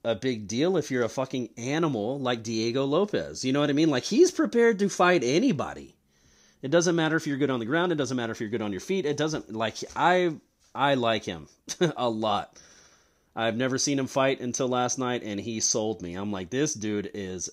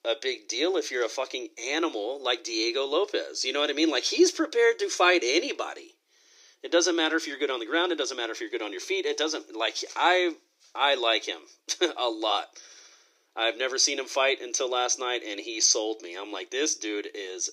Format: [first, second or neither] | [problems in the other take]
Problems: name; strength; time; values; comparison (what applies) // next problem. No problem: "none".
first | thin; very; fading below 300 Hz